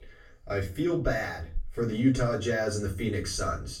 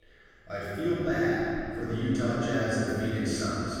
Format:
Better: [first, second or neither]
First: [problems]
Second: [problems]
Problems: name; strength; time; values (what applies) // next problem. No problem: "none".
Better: first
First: room echo; slight; dies away in 0.3 s // off-mic speech; far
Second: room echo; strong; dies away in 3 s // off-mic speech; far